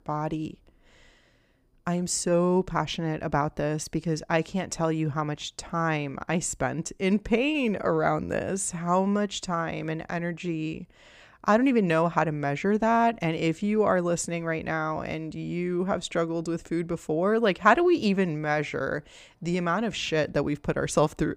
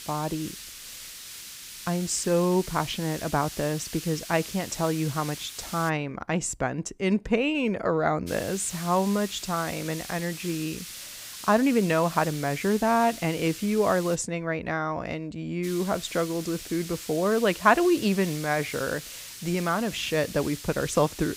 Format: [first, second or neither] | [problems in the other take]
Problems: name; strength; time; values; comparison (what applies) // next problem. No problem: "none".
first | hiss; noticeable; until 6 s, from 8.5 to 14 s and from 16 s on; 10 dB below the speech